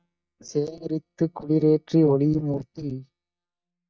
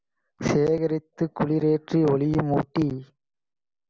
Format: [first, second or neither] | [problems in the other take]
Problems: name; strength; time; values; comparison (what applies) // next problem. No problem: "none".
second | noise reduction (neural mask model DeepFilterNet 3)